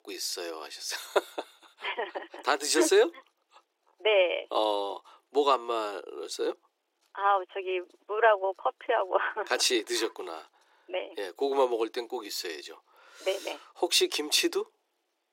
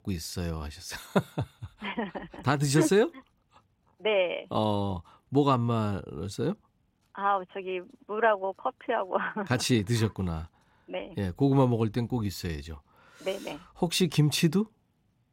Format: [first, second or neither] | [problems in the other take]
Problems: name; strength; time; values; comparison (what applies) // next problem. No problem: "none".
second | thin; very; fading below 350 Hz